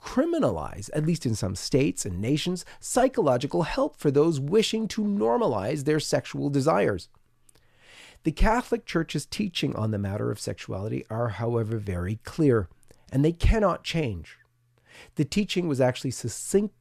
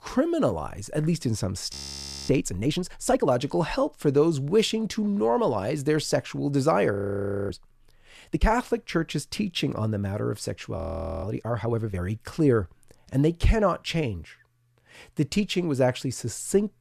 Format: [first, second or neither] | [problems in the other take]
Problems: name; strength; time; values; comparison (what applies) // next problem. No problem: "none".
first | audio freezing; at 1.5 s for 0.5 s, at 7 s for 0.5 s and at 11 s